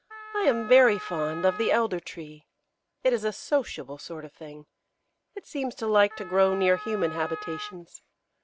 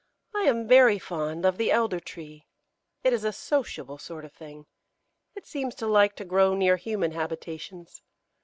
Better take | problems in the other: second | background sound (Wind instrument, woodwind instrument); 12 dB below the speech

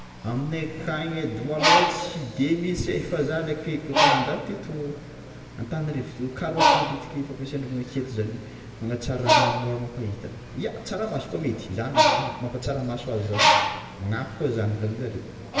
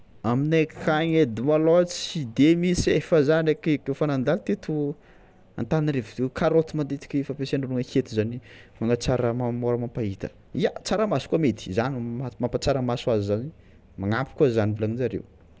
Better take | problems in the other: second | background sound (Bird); 2 dB above the speech // room echo; dies away in 2.3 s

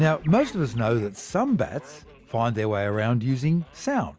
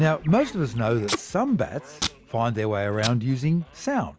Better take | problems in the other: first | background sound (Packing tape, duct tape); 13 dB below the speech

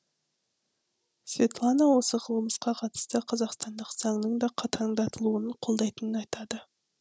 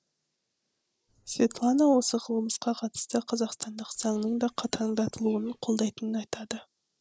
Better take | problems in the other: first | noise reduction (neural mask model Resemble Enhance denoiser)

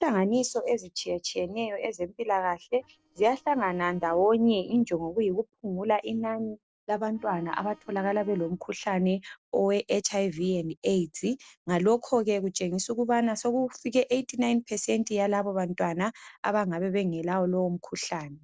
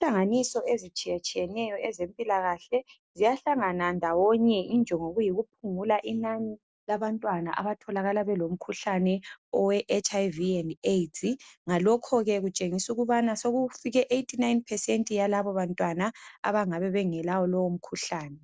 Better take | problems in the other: second | noise reduction (neural separator model SepFormer DNS4)

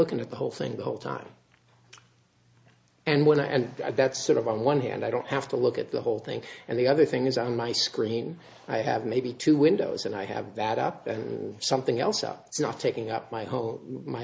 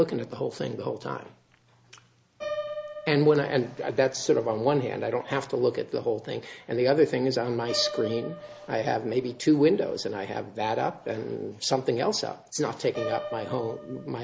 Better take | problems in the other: first | background sound (Piano); 14 dB below the speech

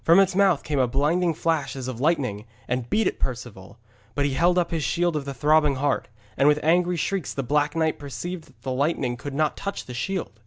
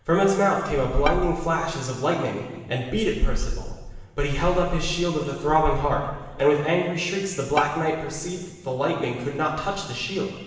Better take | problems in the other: first | background sound (Bowed string instrument); 13 dB below the speech // room echo; dies away in 1.3 s

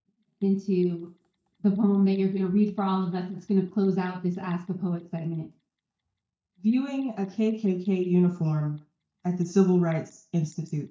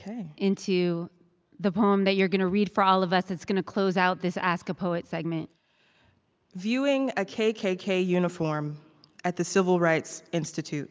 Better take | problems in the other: second | noise reduction (neural mask model DeepFilterNet 3)

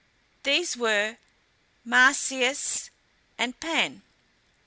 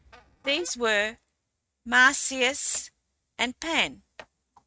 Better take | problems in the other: first | noise reduction (neural mask model RNNoise)

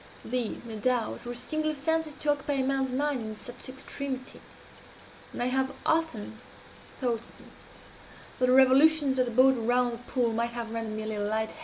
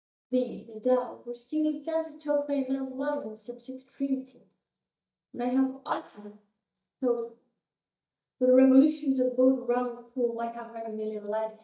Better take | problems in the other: first | noise reduction (neural mask model DeepFilterNet 3)

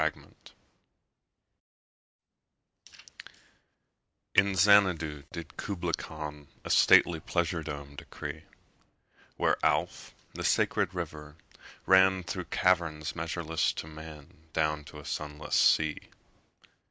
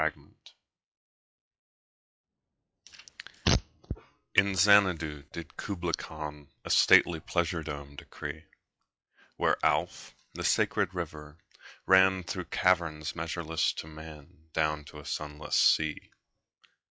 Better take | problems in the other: first | noise reduction (classical method log-MMSE)

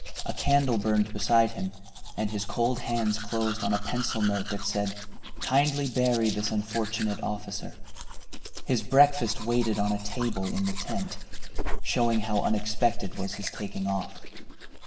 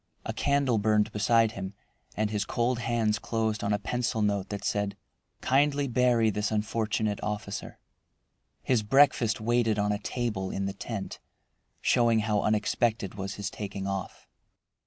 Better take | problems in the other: second | background sound (Domestic sounds, home sounds); 2 dB below the speech // room echo; dies away in 1.4 s

